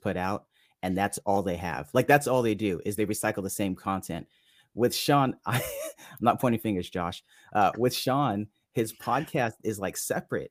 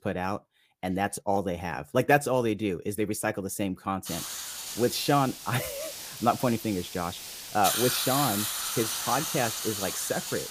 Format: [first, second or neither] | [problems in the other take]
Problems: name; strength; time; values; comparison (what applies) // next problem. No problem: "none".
first | hiss; loud; from 4 s on; 3 dB below the speech